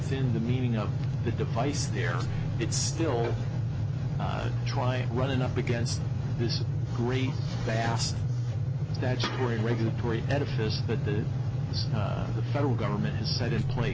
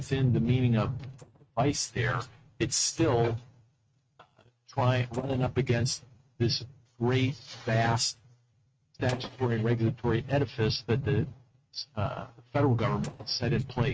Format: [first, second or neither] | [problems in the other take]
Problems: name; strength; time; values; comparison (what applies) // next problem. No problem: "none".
first | noise reduction (neural mask model RNNoise)